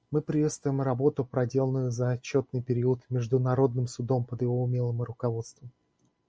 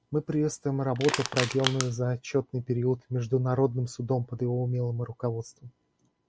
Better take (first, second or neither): first